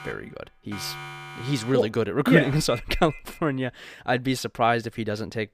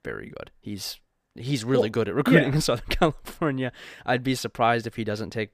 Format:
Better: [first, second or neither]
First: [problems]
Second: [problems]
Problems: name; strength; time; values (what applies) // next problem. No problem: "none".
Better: second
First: alarms or sirens; noticeable; until 3 s; 15 dB below the speech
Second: none